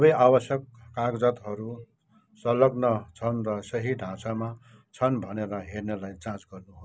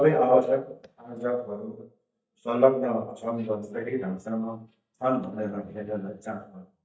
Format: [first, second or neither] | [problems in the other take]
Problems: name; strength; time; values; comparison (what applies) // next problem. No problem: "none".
first | noise reduction (neural mask model DeepFilterNet 3)